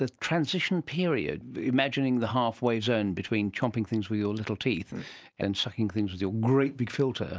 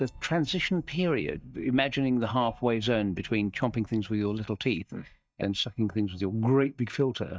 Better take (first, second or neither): first